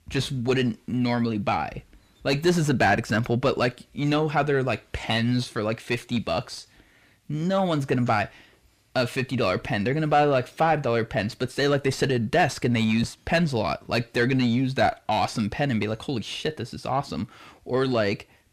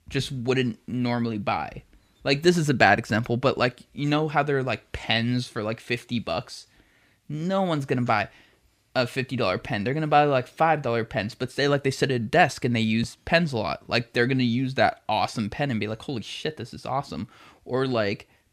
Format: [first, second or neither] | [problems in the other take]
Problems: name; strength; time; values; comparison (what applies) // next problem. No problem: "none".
second | distortion; slight; 10 dB below the speech